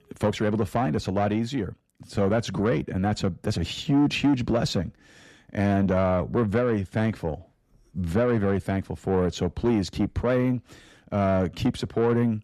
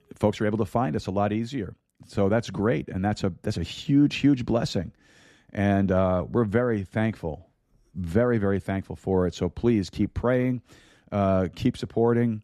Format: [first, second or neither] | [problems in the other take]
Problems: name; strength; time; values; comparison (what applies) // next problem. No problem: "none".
second | distortion; slight; 10 dB below the speech